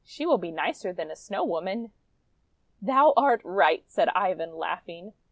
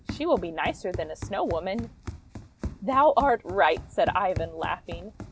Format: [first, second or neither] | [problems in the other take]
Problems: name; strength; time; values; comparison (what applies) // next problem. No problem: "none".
first | background sound (Run); 12 dB below the speech